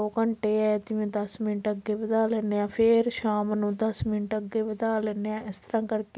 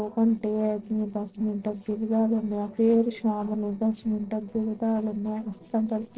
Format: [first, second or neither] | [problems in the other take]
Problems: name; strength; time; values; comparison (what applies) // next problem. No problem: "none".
first | noise reduction (neural separator model SepFormer DNS4)